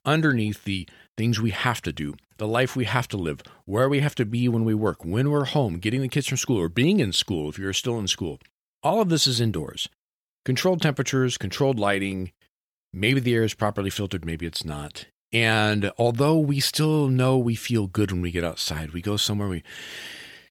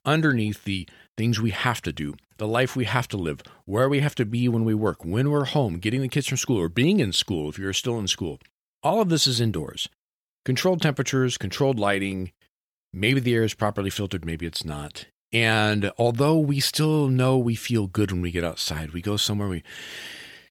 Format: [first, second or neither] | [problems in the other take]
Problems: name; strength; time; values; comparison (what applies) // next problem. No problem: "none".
neither | none